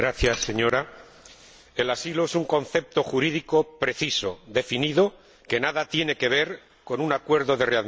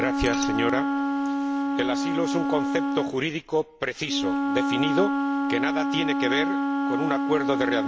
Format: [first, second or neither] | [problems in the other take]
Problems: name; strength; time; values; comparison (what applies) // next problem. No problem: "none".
first | background sound (Wind instrument, woodwind instrument); 3 dB above the speech